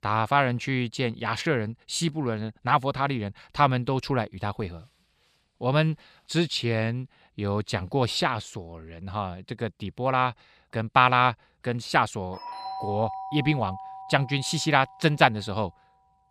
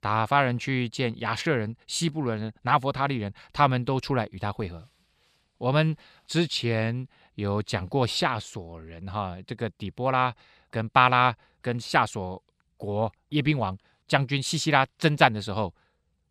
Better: second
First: doorbell; noticeable; from 12 to 15 s; peak 7 dB below the speech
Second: none

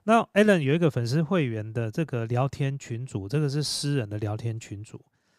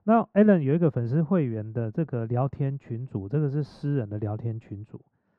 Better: first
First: none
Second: muffled; very; fading above 3 kHz

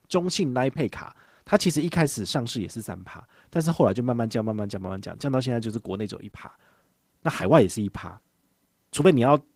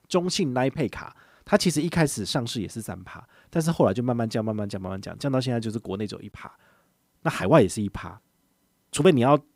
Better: second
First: garbled, watery; slightly; nothing above 15.5 kHz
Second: none

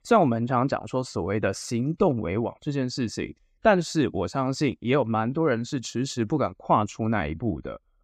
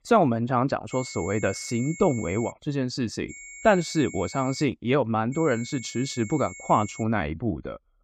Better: first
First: none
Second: high-pitched whine; noticeable; from 1 to 2.5 s, from 3.5 to 4.5 s and from 5.5 to 7 s; 2 kHz, 15 dB below the speech

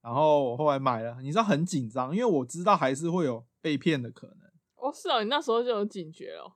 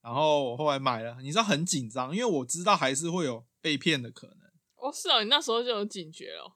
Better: second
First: muffled; slightly; fading above 2 kHz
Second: none

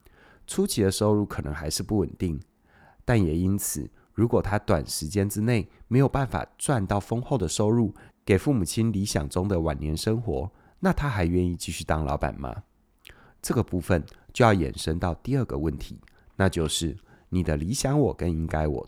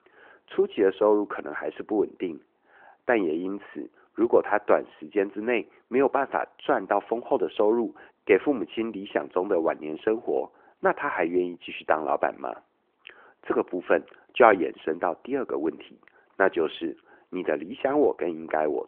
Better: first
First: none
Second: phone-call audio

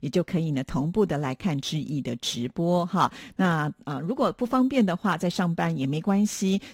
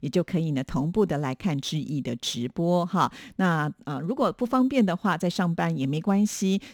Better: second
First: garbled, watery; slightly; nothing above 16 kHz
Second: none

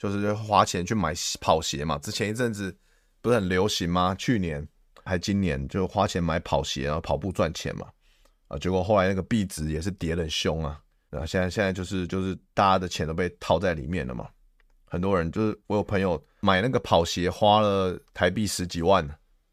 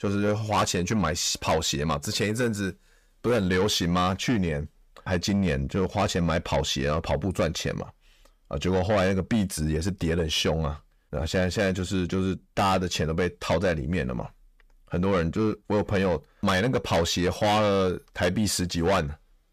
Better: first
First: none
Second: distortion; heavy; 8 dB below the speech

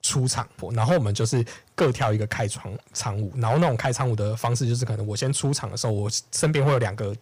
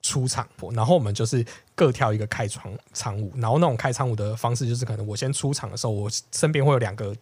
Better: second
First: distortion; slight; 4% of the sound clipped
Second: none

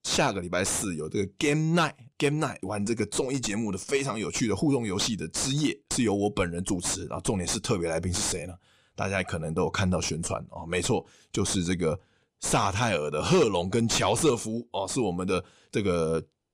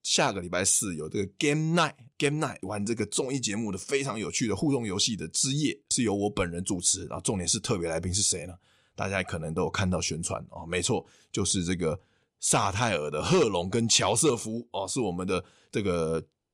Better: second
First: distortion; slight; 8 dB below the speech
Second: none

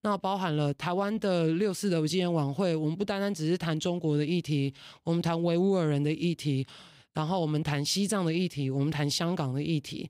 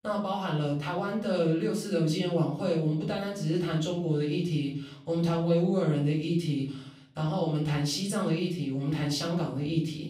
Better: first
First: none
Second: off-mic speech; far // room echo; slight; dies away in 0.5 s

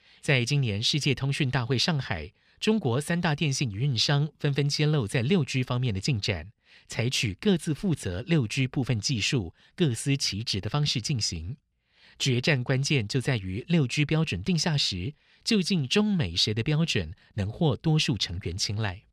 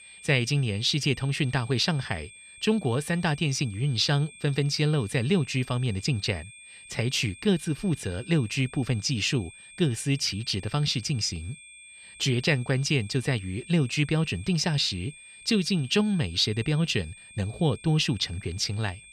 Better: first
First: none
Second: high-pitched whine; noticeable; throughout; 2.5 kHz, 20 dB below the speech

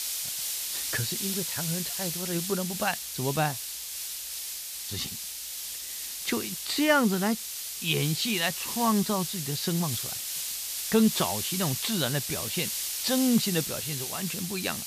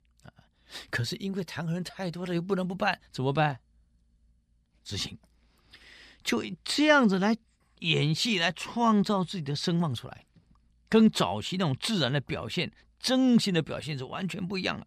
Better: second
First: hiss; loud; throughout; 2 dB below the speech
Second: none

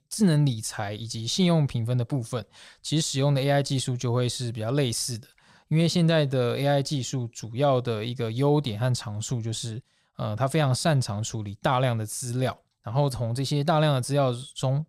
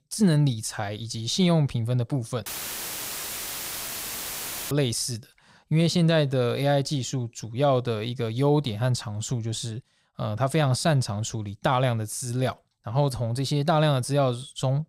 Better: first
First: none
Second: audio cutting out; filled with static; at 2.5 s for 2.5 s

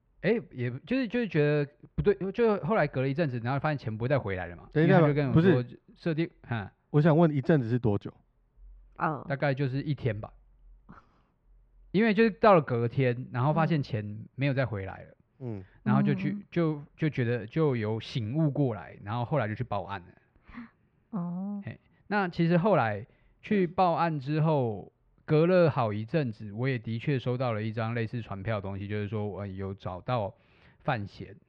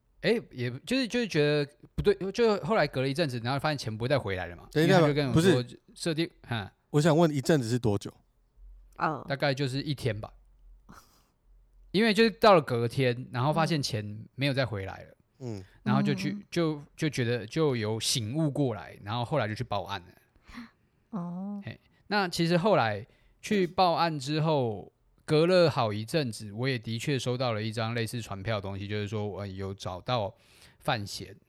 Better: second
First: muffled; slightly; fading above 2.5 kHz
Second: none

